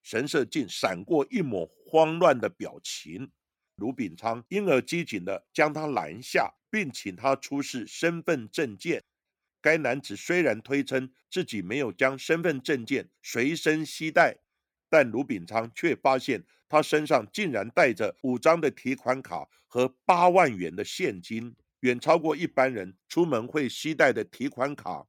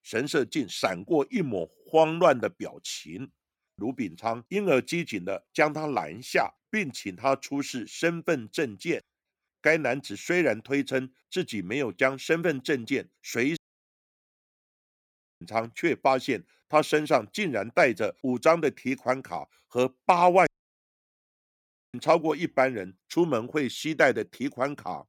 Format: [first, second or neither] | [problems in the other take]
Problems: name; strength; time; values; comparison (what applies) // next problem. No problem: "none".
first | audio cutting out; at 14 s for 2 s and at 20 s for 1.5 s